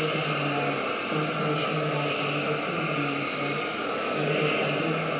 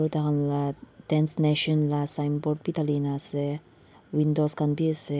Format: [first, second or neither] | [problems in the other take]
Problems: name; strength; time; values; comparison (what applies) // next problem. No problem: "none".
second | background sound (Hiss); 3 dB above the speech // room echo; dies away in 0.8 s